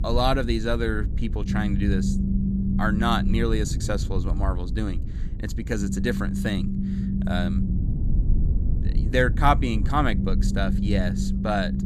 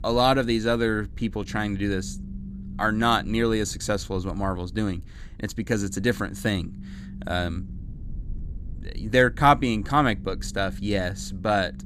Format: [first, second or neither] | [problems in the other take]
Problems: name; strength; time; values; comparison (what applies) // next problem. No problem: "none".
second | low rumble; loud; throughout; 9 dB below the speech; faint in the second